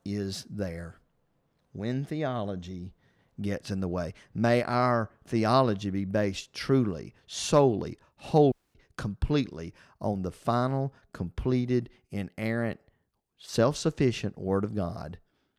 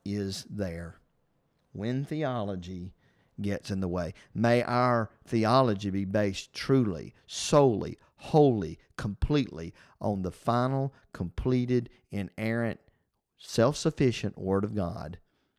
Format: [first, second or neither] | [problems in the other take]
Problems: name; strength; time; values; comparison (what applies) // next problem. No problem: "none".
second | audio cutting out; at 8.5 s